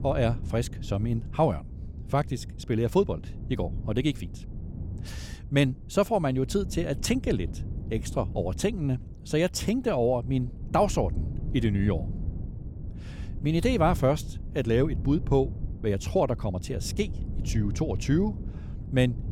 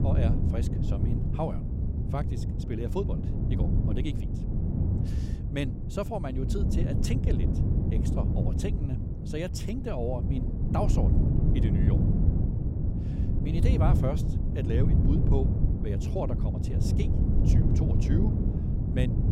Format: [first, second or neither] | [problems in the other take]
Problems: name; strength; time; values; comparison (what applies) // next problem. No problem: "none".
first | wind noise on the microphone; heavy; 1 dB below the speech; occasional gusts in the first